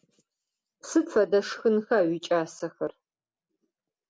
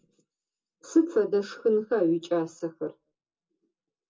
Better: first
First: none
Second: room echo; dies away in 0.2 s

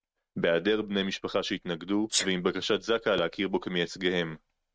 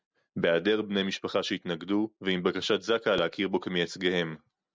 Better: second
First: noise reduction (neural mask model RNNoise)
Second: none

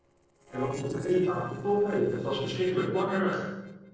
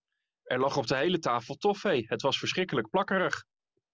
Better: second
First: noise reduction (neural separator model SepFormer DNS4)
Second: none

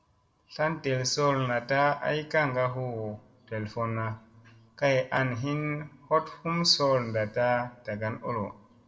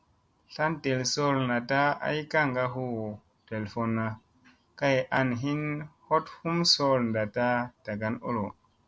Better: second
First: room echo; dies away in 0.6 s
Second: none

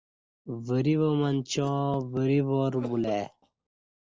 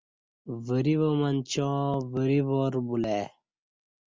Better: second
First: noise reduction (neural separator model SepFormer DNS4)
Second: none

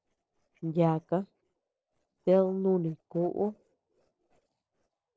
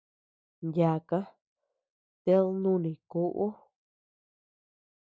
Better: second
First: noise reduction (neural separator model SepFormer DNS4)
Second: none

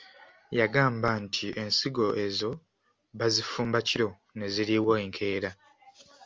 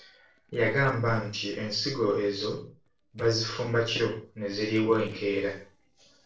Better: first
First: none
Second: noise reduction (neural separator model SepFormer DNS4)

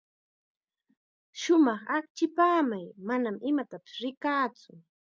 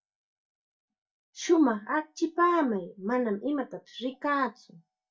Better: first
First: none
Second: noise reduction (neural mask model DeepFilterNet 3)

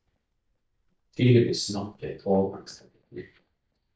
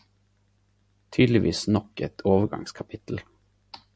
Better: second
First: noise reduction (neural mask model DeepFilterNet 3)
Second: none

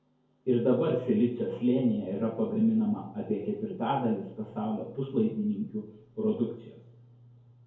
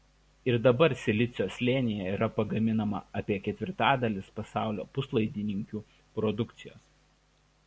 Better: second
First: room echo; dies away in 2.3 s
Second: none

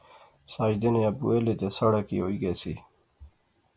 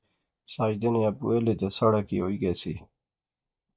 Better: first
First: none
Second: noise reduction (neural mask model DeepFilterNet 3)

